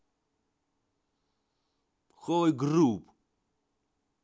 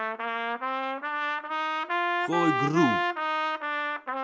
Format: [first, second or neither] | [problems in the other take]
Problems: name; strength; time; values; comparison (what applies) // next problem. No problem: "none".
first | background sound (Trumpet); 4 dB above the speech